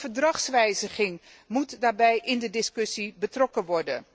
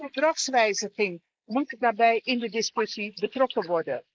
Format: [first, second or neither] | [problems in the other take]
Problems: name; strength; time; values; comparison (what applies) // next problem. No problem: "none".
first | noise reduction (neural mask model Resemble Enhance denoiser)